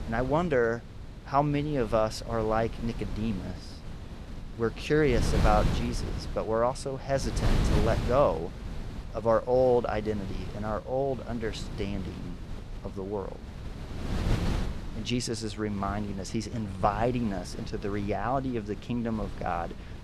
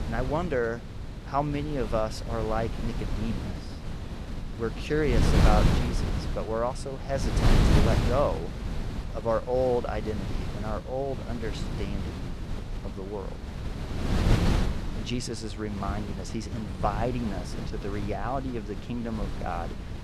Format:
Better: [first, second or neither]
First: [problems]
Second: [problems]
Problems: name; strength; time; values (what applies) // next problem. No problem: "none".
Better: first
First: wind noise on the microphone; occasional gusts; 15 dB below the speech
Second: wind noise on the microphone; heavy; 6 dB below the speech